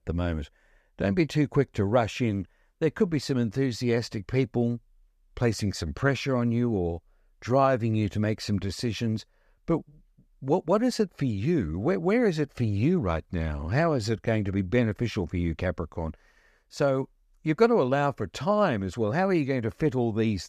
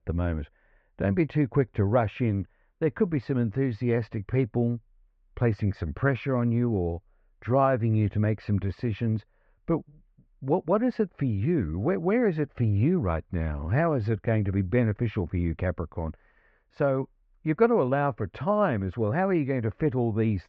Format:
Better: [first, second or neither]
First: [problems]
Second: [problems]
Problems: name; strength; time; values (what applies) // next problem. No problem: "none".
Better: first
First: none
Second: muffled; very; fading above 2.5 kHz